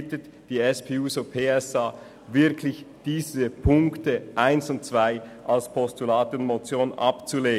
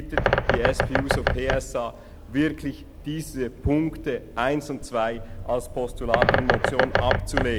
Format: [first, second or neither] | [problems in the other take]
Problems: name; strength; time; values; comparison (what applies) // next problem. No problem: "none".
first | background sound (Bird); 1 dB above the speech